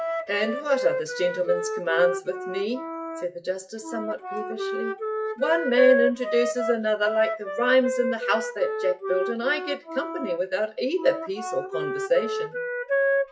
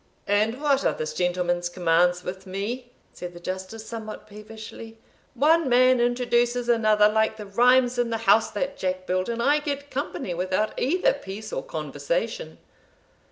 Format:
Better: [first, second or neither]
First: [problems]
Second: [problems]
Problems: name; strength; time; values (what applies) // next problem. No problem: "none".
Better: second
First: noise reduction (classical method WPE with log-MMSE)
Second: none